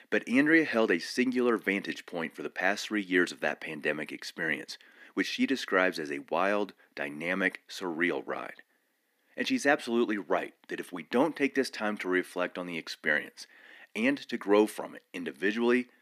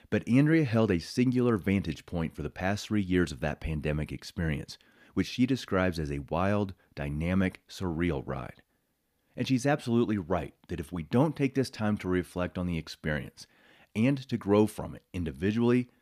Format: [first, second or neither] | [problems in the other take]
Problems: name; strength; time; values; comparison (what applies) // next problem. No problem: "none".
second | thin; somewhat; fading below 250 Hz